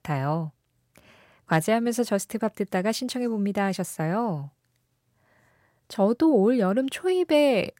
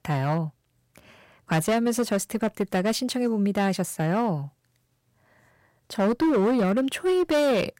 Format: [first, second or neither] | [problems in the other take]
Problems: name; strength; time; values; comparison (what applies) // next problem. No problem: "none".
first | distortion; slight; 9% of the sound clipped